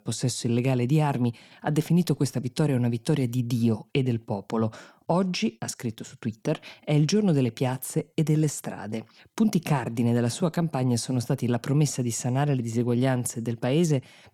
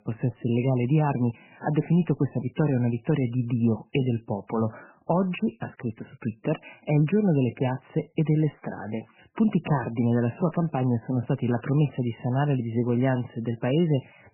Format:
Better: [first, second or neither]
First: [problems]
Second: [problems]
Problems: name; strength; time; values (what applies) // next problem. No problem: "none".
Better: first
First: none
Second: garbled, watery; badly; nothing above 3 kHz